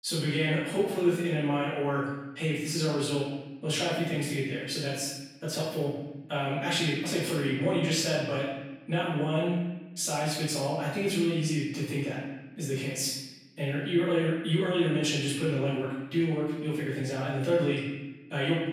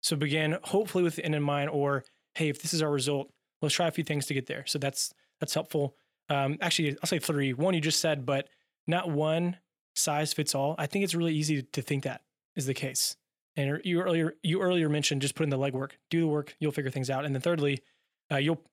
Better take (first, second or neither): second